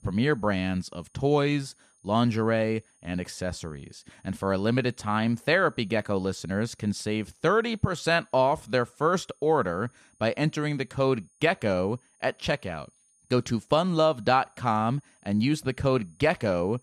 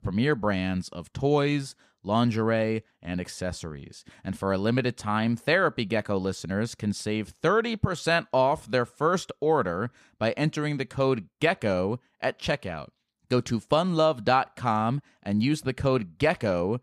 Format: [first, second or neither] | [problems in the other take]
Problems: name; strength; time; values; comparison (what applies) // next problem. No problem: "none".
second | high-pitched whine; faint; throughout; 9.5 kHz, 35 dB below the speech